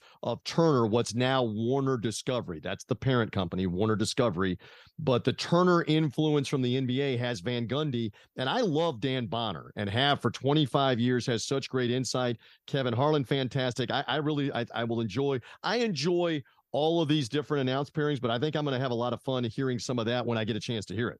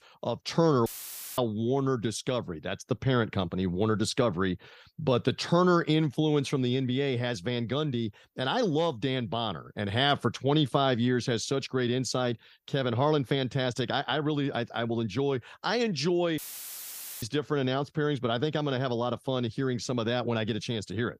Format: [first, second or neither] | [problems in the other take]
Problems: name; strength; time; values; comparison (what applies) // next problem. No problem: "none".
first | audio cutting out; filled with static; at 1 s for 0.5 s and at 16 s for 1 s